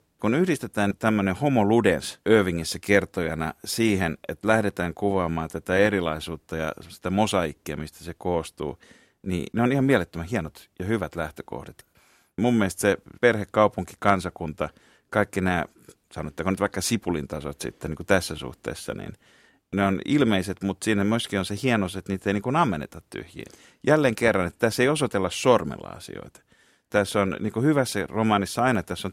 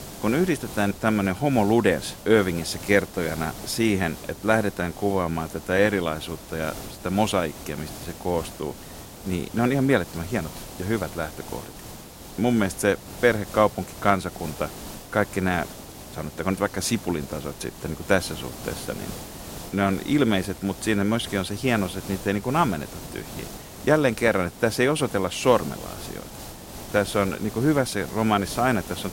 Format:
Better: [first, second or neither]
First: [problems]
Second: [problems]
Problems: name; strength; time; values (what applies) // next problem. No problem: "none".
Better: first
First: none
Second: hiss; noticeable; throughout; 15 dB below the speech